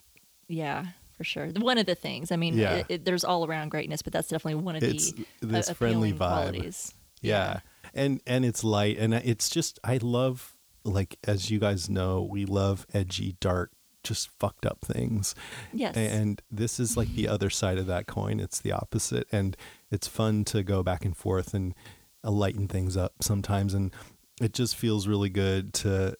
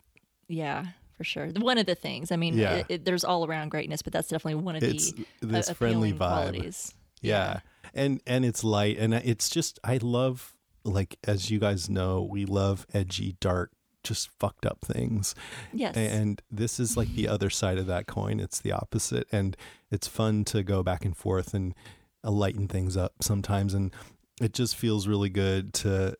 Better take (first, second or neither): second